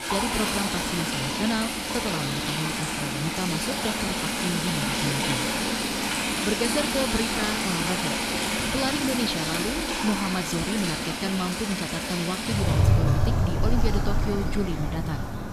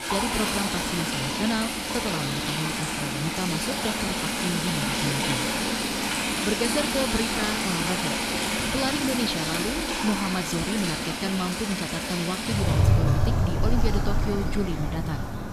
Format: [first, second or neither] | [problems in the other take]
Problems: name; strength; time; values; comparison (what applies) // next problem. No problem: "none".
neither | rain or running water; very loud; throughout; 4 dB above the speech; the same in both